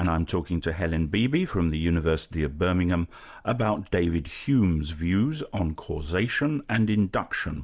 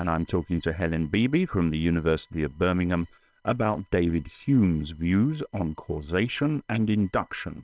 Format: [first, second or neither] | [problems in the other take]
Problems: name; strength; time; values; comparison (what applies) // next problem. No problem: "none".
first | noise reduction (neural separator model SepFormer WHAM!)